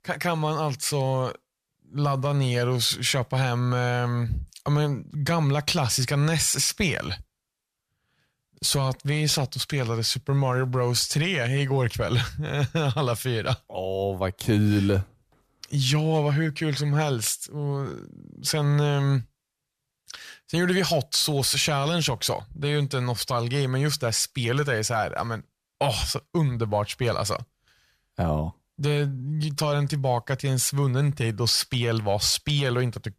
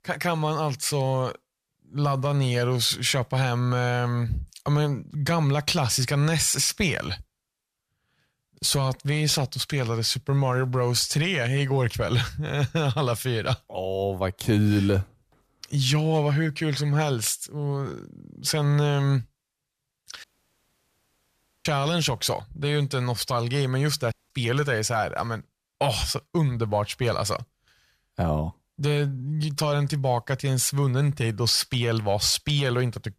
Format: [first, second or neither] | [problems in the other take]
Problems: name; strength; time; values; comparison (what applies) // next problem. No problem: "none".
first | audio cutting out; at 20 s for 1.5 s and at 24 s